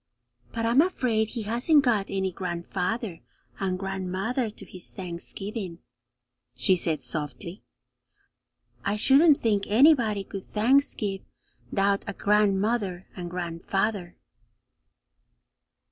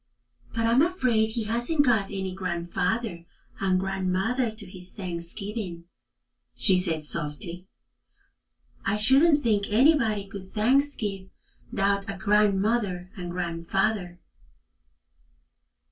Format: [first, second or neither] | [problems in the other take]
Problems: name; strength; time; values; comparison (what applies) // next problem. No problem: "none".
first | room echo; dies away in 0.1 s